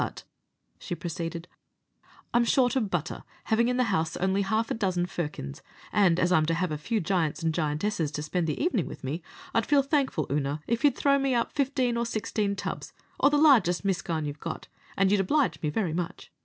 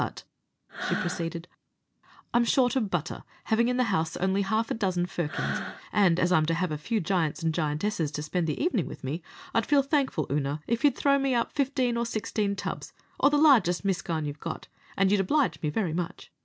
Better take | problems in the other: first | background sound (Breathing); 10 dB below the speech

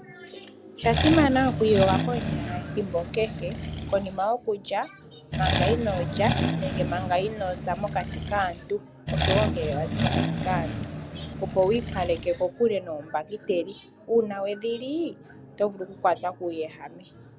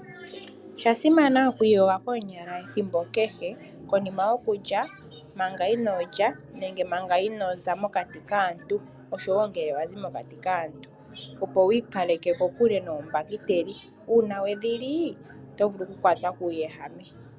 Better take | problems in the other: second | background sound (Accelerating, revving, vroom); 1 dB below the speech

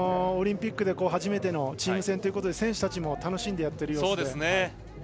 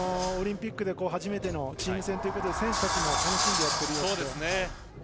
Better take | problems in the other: first | background sound (Sliding door); 1 dB below the speech

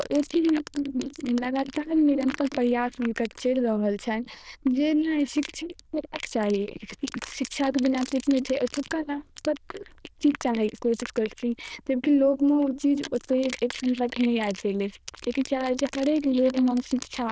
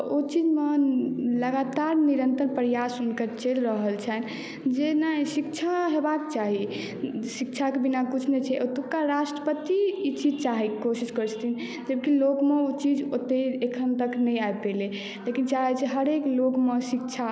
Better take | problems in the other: second | noise reduction (neural diffusion model UNIVERSE++)

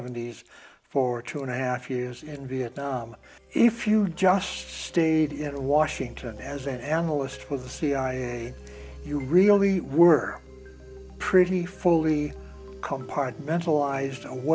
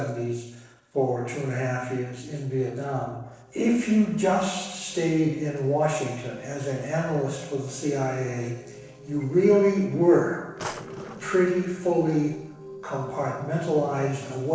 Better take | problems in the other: first | noise reduction (neural separator model SepFormer DNS4)

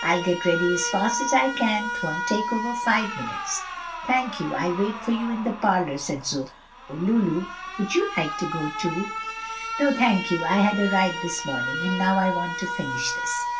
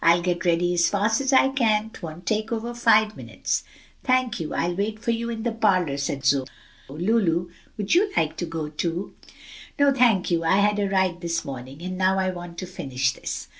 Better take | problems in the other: second | background sound (Alarm); 5 dB below the speech // room echo; dies away in 0.2 s

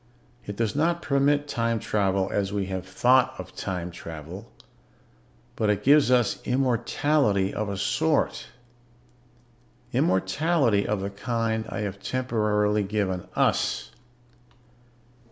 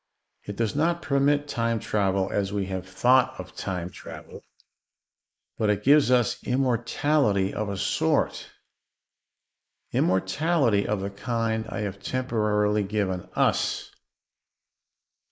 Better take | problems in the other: first | noise reduction (neural mask model Resemble Enhance denoiser)

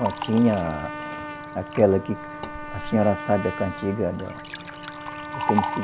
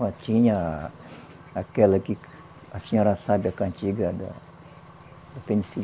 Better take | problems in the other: second | background sound (Liquid + Trumpet); 7 dB below the speech

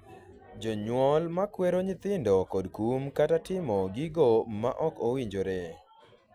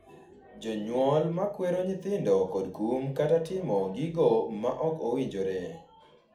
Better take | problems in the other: first | room echo; dies away in 0.4 s

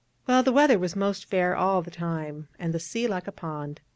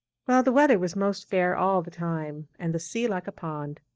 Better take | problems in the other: first | noise reduction (neural mask model DeepFilterNet 3)

